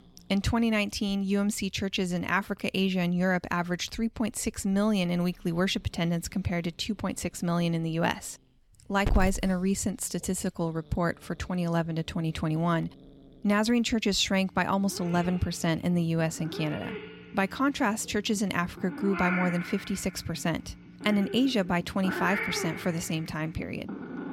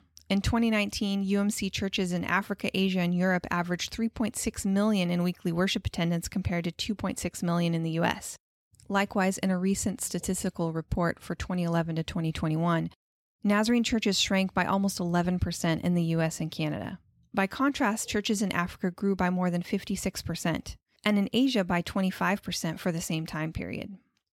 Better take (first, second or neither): second